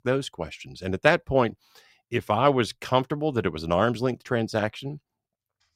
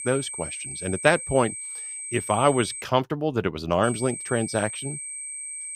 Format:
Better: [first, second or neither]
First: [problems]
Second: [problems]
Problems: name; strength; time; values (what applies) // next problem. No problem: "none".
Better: first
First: none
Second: high-pitched whine; loud; until 3 s and from 4 s on; 8.5 kHz, 8 dB below the speech